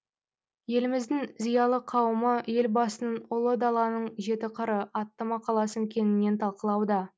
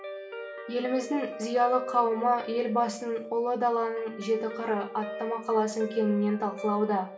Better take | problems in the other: first | background sound (Guitar); 12 dB below the speech // room echo; dies away in 0.4 s

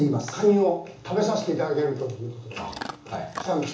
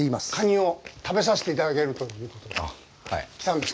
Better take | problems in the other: second | background sound (Chewing, mastication / Dog); 18 dB below the speech // room echo; dies away in 0.8 s

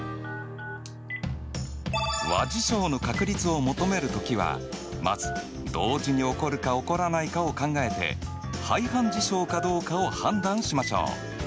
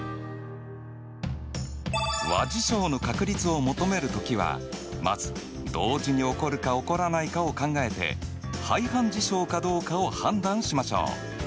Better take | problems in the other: second | background sound (Telephone); 14 dB below the speech

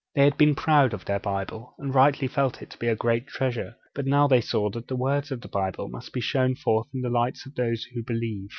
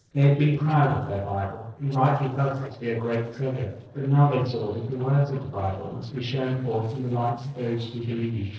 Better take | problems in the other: first | noise reduction (neural separator model SepFormer DNS4)

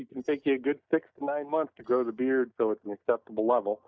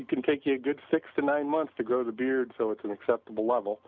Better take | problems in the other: second | noise reduction (neural mask model DeepFilterNet 3)

